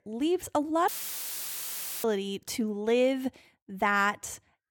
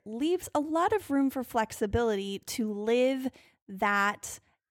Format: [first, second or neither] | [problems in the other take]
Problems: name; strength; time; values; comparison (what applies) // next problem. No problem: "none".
second | audio cutting out; filled with static; at 1 s for 1 s